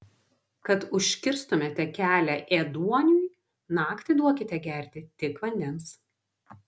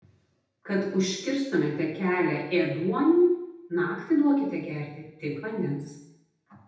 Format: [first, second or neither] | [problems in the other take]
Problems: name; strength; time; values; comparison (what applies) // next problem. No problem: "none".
first | room echo; dies away in 0.8 s